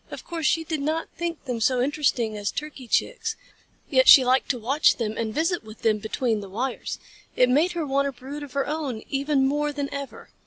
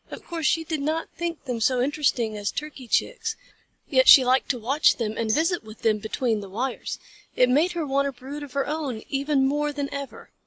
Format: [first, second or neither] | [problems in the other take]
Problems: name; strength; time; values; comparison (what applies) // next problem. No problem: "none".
first | noise reduction (neural mask model Resemble Enhance denoiser)